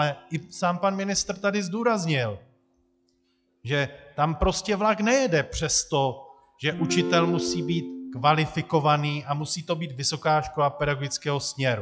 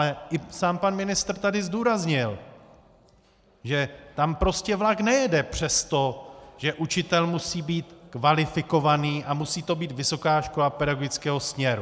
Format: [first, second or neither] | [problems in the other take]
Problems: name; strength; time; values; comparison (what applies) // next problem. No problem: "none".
second | noise reduction (classical method log-MMSE)